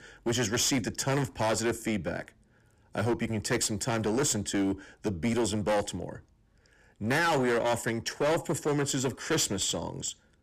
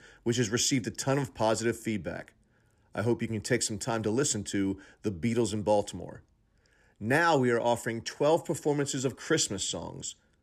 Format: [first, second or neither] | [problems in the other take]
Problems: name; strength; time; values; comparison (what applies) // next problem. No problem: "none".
second | distortion; heavy; 12% of the sound clipped